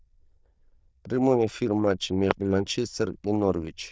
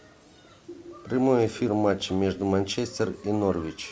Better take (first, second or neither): second